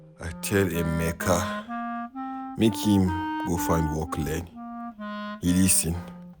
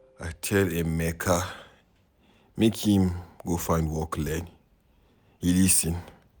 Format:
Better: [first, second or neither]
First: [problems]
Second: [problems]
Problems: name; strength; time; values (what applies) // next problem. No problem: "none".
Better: second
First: background sound (Wind instrument, woodwind instrument); 7 dB below the speech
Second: none